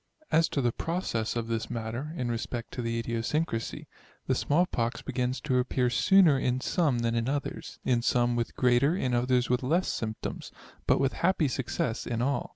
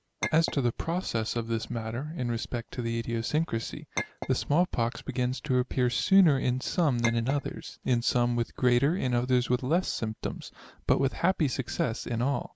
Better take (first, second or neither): first